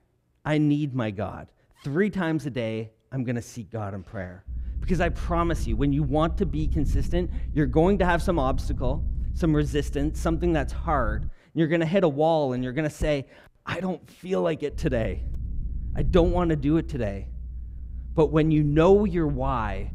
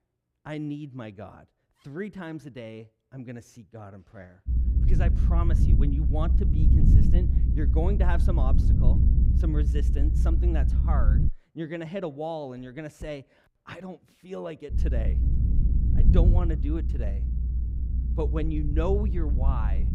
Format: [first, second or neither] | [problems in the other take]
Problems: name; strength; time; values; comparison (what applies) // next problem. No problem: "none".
first | low rumble; loud; from 4.5 to 11 s and from 15 s on; 4 dB below the speech; faint in the first